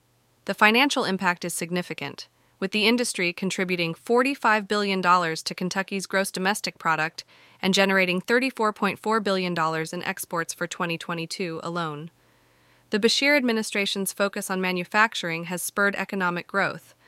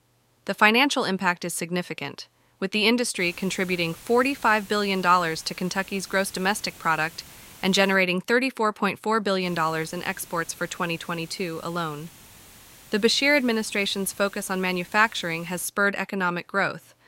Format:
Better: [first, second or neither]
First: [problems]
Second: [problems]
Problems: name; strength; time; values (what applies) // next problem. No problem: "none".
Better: first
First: none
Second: hiss; faint; from 3 to 8 s and from 9.5 to 16 s; 20 dB below the speech